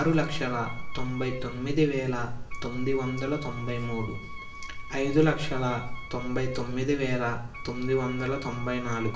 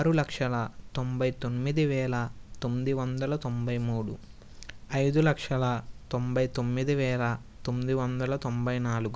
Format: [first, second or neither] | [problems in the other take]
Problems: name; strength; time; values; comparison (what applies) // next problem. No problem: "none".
second | background sound (Wind instrument, woodwind instrument); 16 dB below the speech // room echo; dies away in 0.6 s